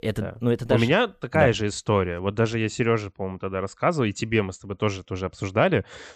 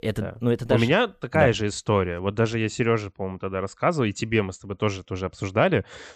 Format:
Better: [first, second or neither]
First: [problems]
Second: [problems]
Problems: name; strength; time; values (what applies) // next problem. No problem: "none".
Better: neither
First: none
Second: none